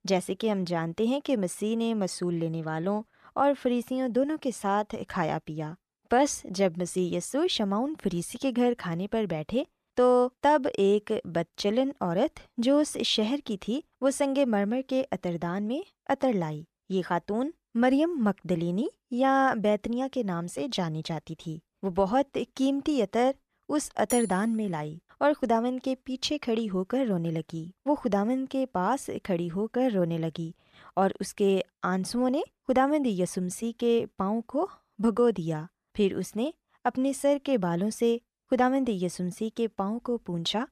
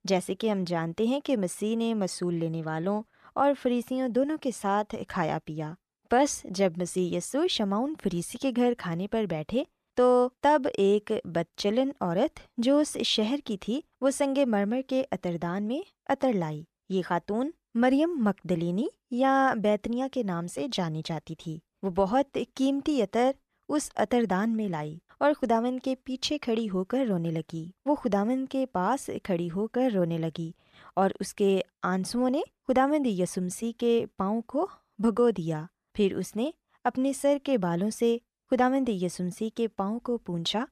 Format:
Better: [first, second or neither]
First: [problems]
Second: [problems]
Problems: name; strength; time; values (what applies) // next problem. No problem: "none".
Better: second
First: clattering dishes; noticeable; at 24 s; peak 6 dB below the speech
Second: none